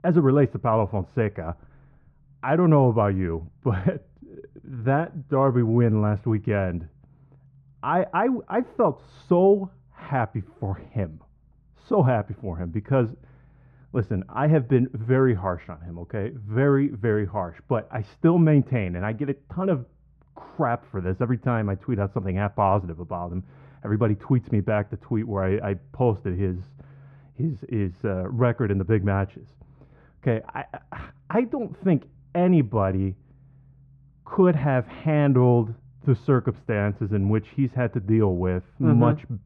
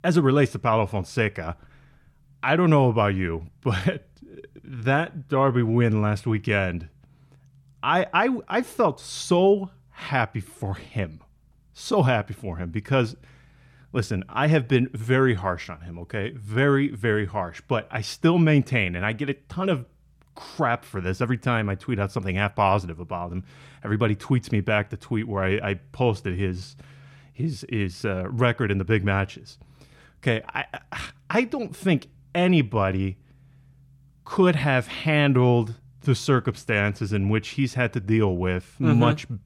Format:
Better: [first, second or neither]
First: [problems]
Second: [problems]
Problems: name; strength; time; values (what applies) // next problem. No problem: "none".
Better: second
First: muffled; very; fading above 3.5 kHz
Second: none